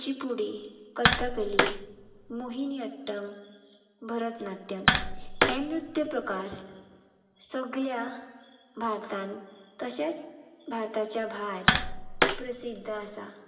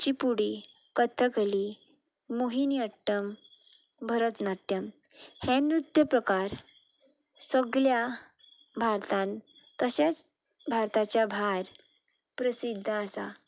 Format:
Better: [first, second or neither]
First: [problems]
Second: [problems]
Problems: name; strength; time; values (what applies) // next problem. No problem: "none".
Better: second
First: background sound (Tap); 5 dB above the speech // room echo; dies away in 2.3 s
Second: none